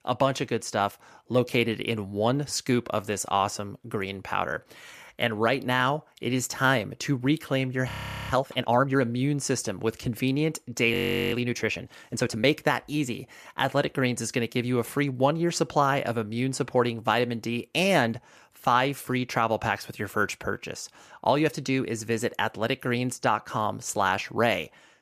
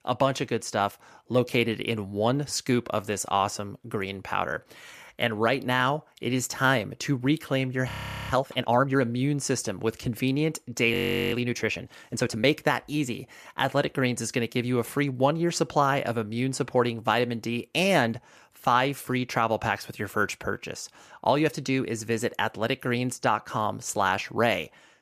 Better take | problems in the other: neither | audio freezing; at 8 s and at 11 s; the same in both

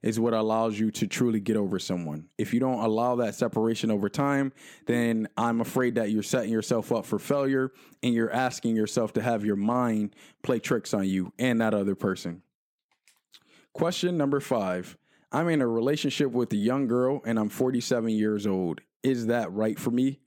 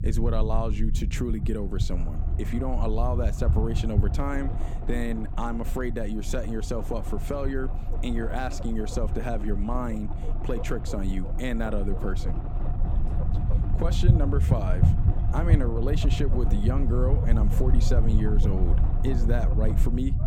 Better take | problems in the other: first | low rumble; loud; throughout; 7 dB below the speech

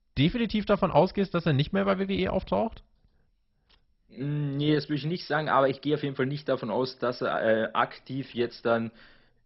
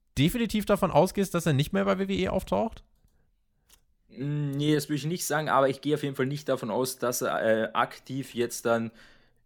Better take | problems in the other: second | garbled, watery; badly; nothing above 5.5 kHz

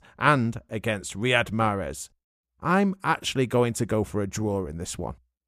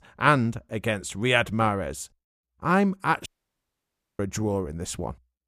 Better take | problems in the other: first | audio cutting out; at 3.5 s for 1 s

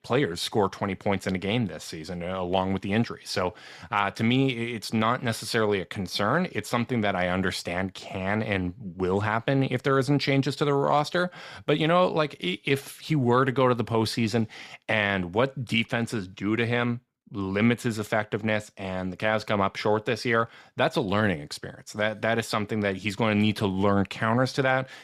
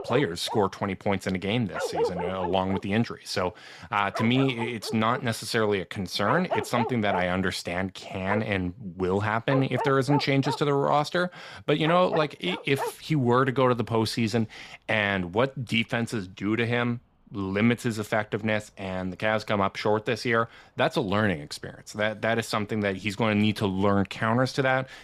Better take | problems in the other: first | animal sounds; loud; throughout; 8 dB below the speech

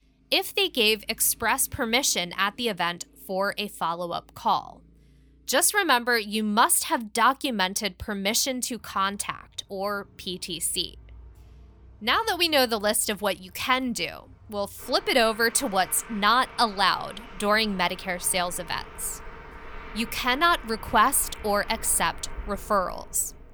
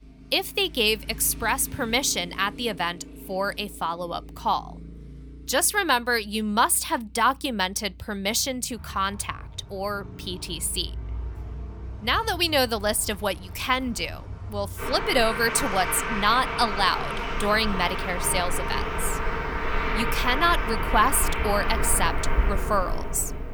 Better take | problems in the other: first | traffic noise; loud; throughout; 6 dB below the speech; faint in the first

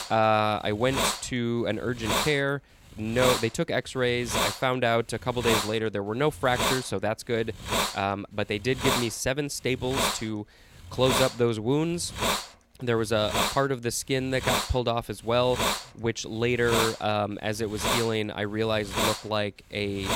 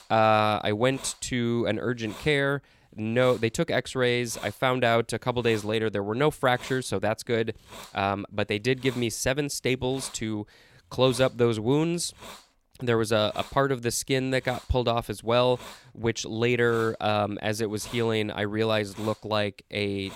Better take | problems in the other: second | hiss; loud; throughout; 1 dB below the speech; faint in the second

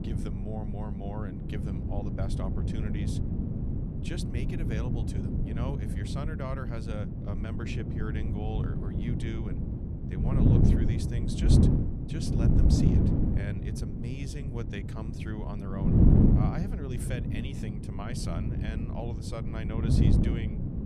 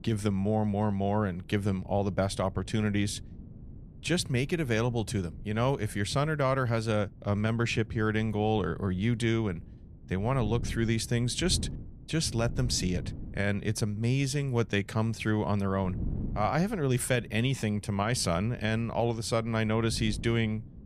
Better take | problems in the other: second | wind noise on the microphone; heavy; 4 dB above the speech; occasional gusts in the second

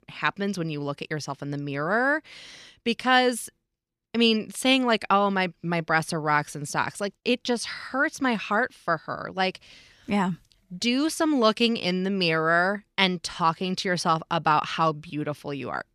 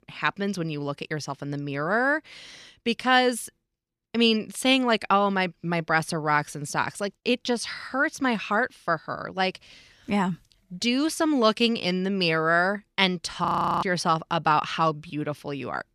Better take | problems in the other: first | audio freezing; at 13 s

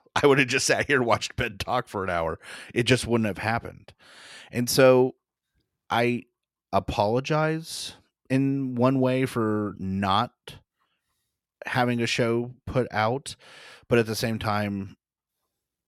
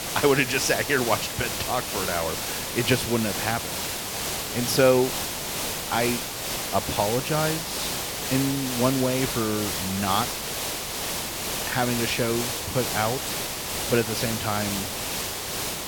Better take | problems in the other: first | hiss; loud; throughout; 2 dB below the speech

